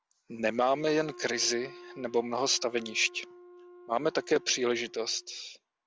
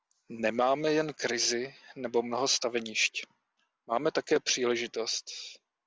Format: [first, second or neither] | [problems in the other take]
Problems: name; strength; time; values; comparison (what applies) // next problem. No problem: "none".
second | background sound (Wind instrument, woodwind instrument); 20 dB below the speech